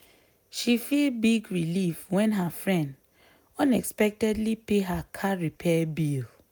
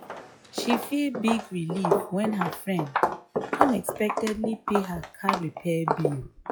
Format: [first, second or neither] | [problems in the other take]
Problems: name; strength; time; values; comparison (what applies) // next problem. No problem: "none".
first | noise reduction (classical method log-MMSE)